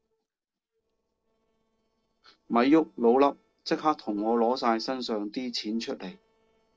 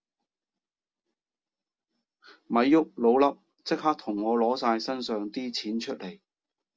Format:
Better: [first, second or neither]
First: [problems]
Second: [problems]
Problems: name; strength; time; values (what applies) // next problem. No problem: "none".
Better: second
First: noise reduction (neural separator model SepFormer DNS4)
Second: none